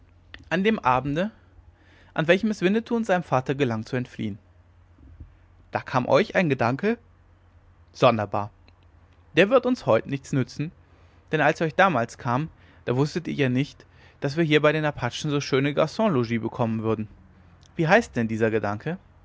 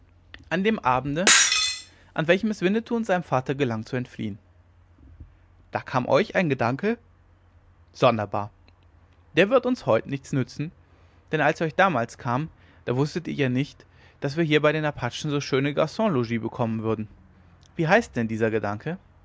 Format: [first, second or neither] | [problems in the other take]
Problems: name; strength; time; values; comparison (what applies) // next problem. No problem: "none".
first | background sound (Shatter); 1 dB above the speech